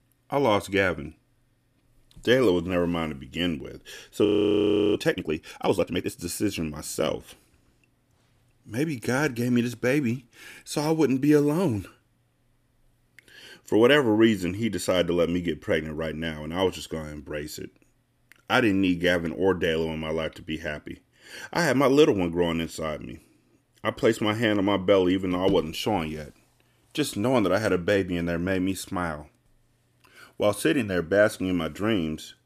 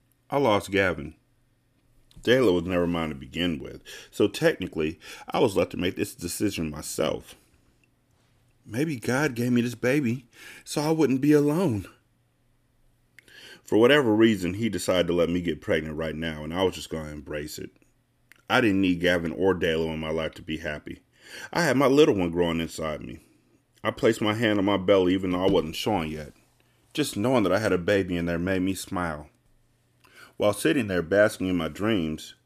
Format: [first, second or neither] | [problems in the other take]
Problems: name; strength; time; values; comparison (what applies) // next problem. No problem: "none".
second | audio freezing; at 4.5 s for 0.5 s